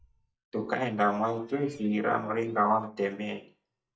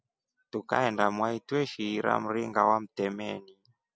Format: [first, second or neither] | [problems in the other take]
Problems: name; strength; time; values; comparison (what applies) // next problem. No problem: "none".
second | noise reduction (neural mask model DeepFilterNet 3)